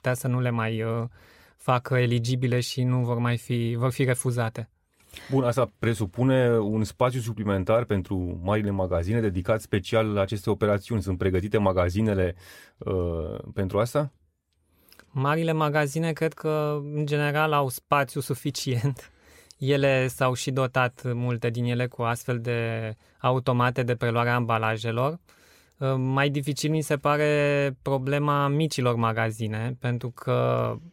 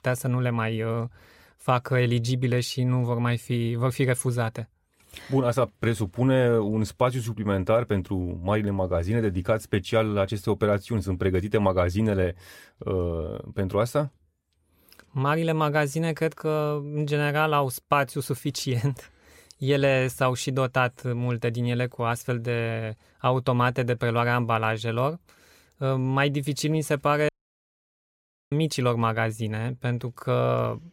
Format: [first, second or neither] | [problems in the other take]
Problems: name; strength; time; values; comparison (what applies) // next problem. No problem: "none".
first | audio cutting out; at 27 s for 1 s